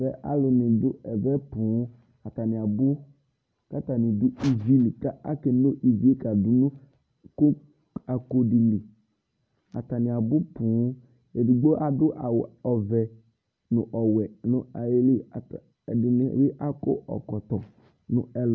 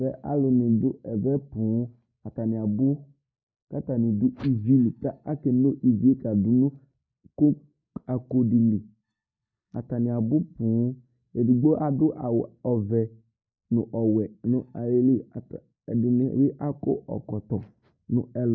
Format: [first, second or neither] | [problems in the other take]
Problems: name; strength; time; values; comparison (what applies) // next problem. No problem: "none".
first | noise reduction (neural mask model DeepFilterNet 3)